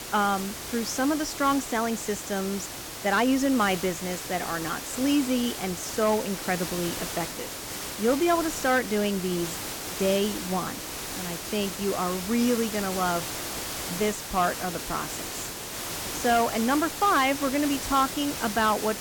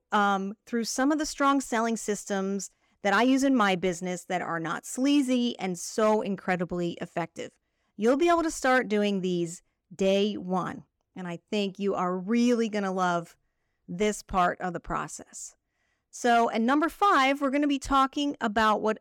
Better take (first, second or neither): second